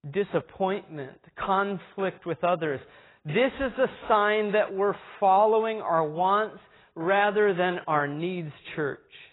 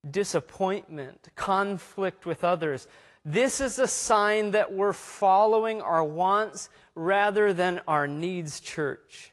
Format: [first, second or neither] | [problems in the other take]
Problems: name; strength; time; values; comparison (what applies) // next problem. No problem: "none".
second | garbled, watery; badly; nothing above 4 kHz; slightly in the second